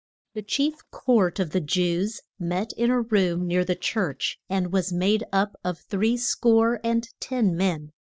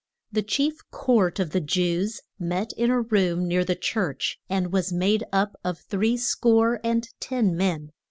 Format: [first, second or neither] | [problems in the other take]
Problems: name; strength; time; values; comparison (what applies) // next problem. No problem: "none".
second | noise reduction (neural mask model DeepFilterNet 3)